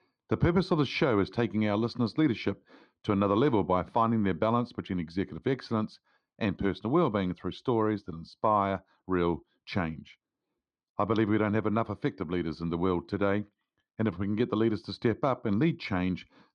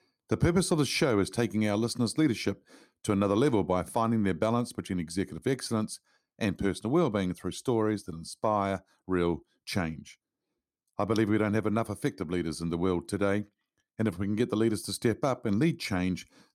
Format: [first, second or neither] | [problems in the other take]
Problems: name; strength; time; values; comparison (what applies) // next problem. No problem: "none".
second | muffled; slightly; fading above 3.5 kHz